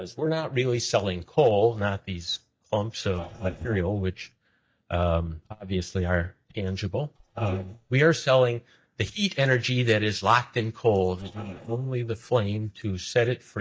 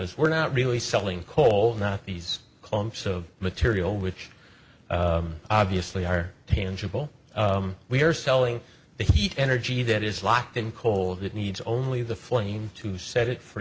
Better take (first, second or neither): second